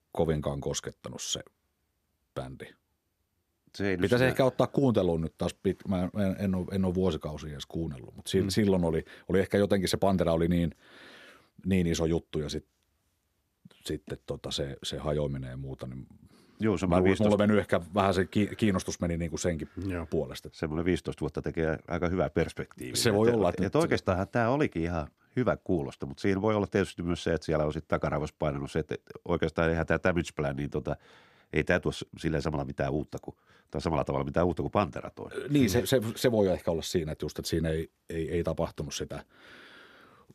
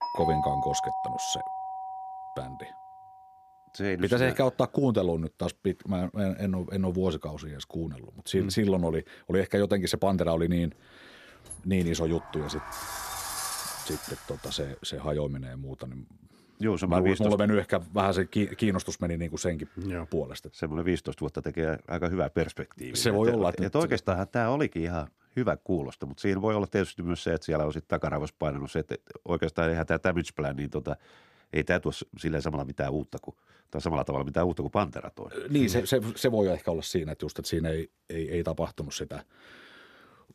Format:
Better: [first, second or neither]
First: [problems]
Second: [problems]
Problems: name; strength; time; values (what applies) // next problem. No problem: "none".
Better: first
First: none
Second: doorbell; loud; until 2.5 s; peak 1 dB above the speech // door banging; noticeable; from 11 to 15 s; peak 2 dB below the speech